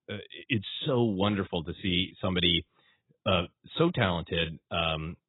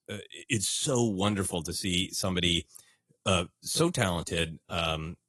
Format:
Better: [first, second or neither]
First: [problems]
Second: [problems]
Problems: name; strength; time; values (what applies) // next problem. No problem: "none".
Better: second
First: garbled, watery; badly; nothing above 3.5 kHz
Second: garbled, watery; slightly; nothing above 11.5 kHz